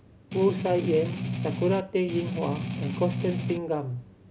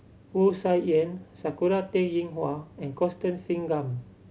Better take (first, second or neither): second